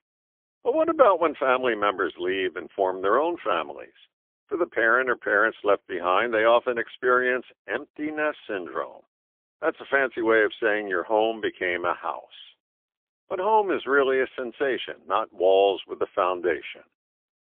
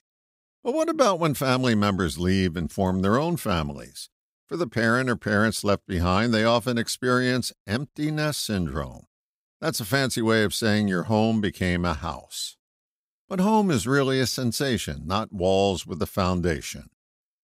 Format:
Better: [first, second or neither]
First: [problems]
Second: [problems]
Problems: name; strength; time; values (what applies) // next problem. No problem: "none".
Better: second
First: phone-call audio; poor line; nothing above 3.5 kHz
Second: none